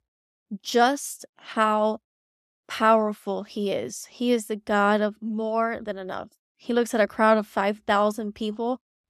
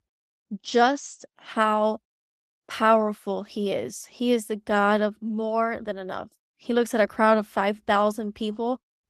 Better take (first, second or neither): first